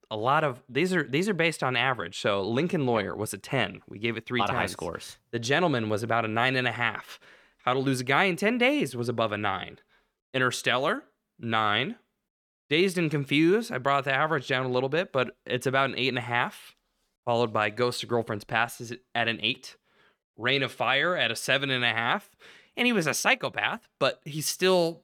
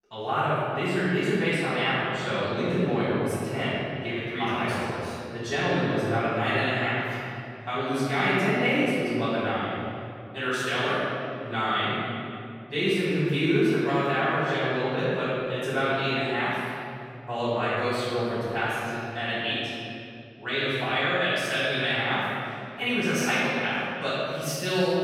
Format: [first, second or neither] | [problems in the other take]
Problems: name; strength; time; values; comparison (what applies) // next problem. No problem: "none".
first | room echo; strong; dies away in 2.5 s // off-mic speech; far